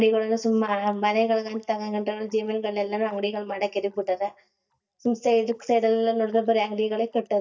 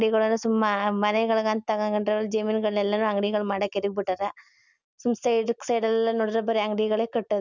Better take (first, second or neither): second